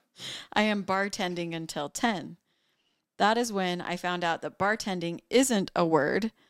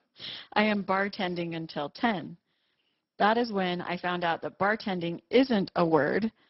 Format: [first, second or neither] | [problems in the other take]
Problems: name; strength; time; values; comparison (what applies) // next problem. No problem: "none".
first | garbled, watery; badly; nothing above 5.5 kHz